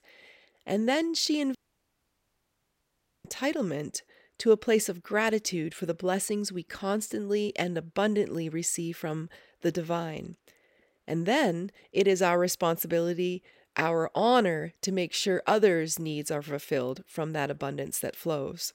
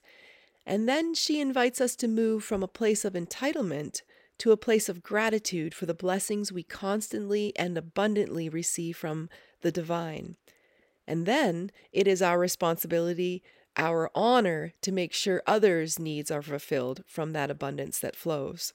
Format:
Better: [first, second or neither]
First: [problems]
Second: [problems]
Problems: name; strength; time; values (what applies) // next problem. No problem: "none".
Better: second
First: audio cutting out; at 1.5 s for 1.5 s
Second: none